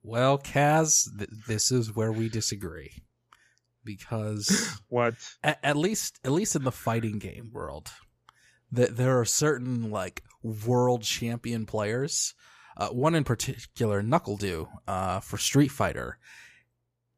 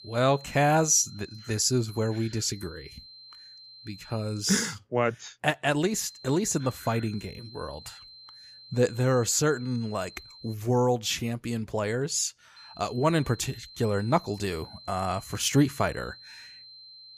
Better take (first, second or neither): first